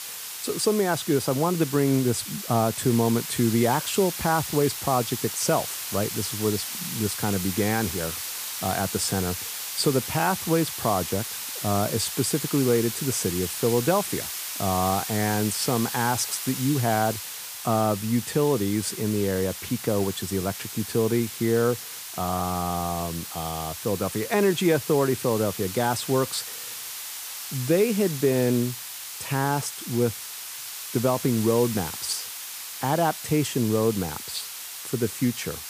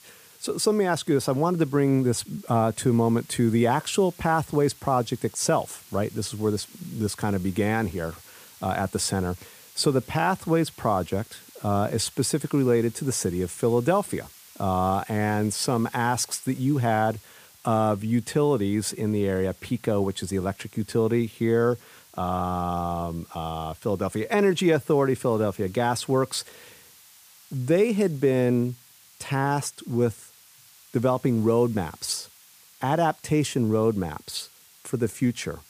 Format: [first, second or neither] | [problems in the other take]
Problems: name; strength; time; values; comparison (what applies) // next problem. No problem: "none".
second | hiss; loud; throughout; 6 dB below the speech; faint in the second